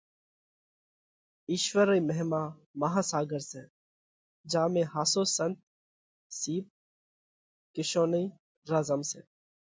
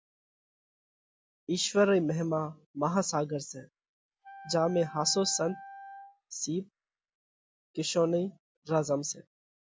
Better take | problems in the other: first | background sound (Wind instrument, woodwind instrument); 17 dB below the speech

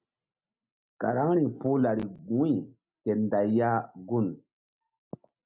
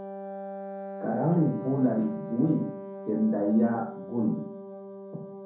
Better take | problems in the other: first | background sound (Wind instrument, woodwind instrument); 10 dB below the speech // room echo; dies away in 0.6 s

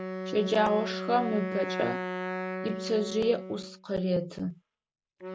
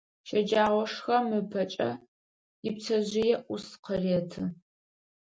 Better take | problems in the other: second | background sound (Wind instrument, woodwind instrument); 6 dB below the speech

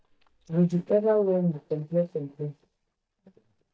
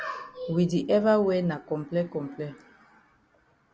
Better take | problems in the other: second | noise reduction (neural mask model DeepFilterNet 3)

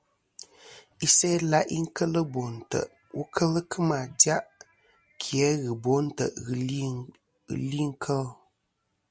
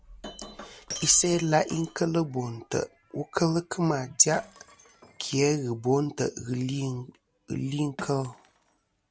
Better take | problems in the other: first | background sound (Shatter); 19 dB below the speech

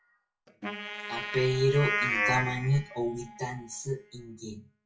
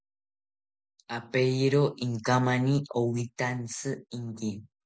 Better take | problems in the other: second | noise reduction (classical method WPE with log-MMSE)

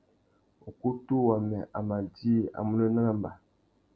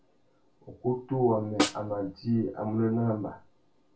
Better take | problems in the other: first | background sound (Snare drum); 2 dB below the speech // room echo; dies away in 0.3 s

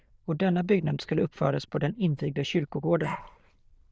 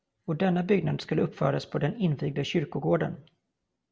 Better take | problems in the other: second | noise reduction (neural diffusion model UNIVERSE++)

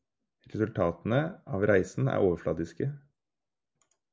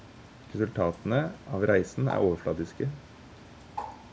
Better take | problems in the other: first | background sound (Bird); 15 dB below the speech

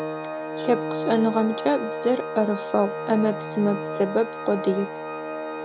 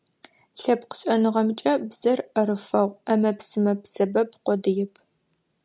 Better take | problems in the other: second | background sound (Organ); 6 dB below the speech

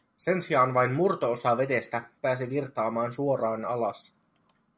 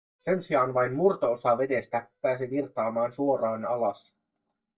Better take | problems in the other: first | noise reduction (neural mask model DeepFilterNet 3)

